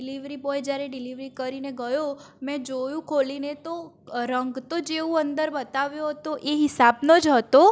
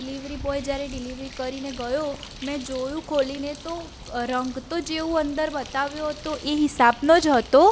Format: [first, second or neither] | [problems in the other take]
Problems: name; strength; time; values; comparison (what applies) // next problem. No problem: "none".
first | background sound (Bird); 16 dB below the speech